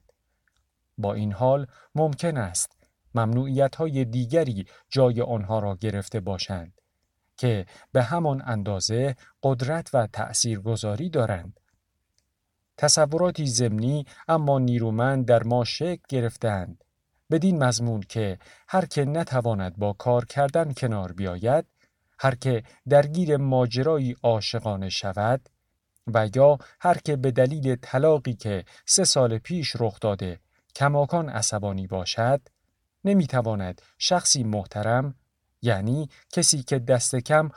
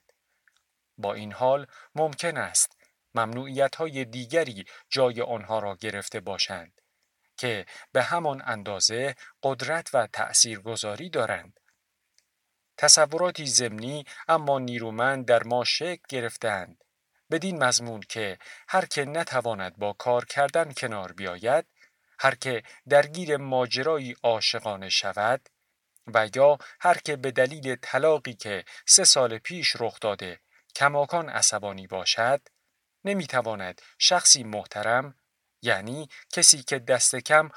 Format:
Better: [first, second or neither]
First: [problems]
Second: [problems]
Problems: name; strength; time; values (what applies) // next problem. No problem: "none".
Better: first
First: none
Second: thin; somewhat; fading below 1 kHz